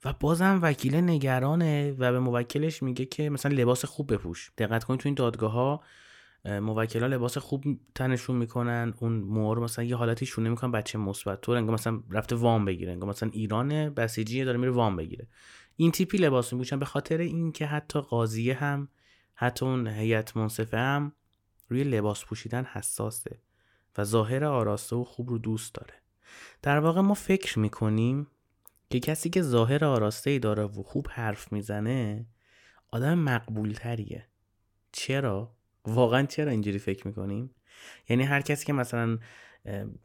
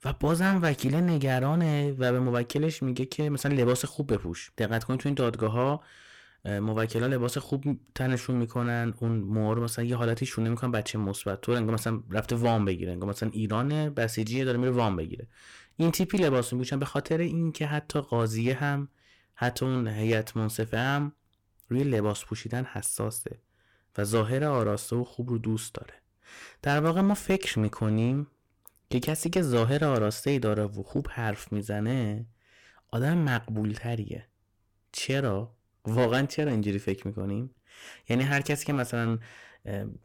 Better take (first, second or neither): first